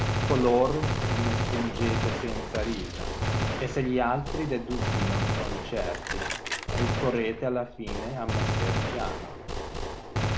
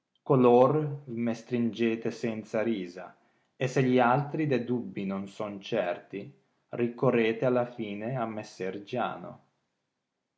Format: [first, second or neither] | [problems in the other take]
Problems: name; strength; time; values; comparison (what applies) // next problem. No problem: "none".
second | background sound (Gunshot, gunfire); 1 dB above the speech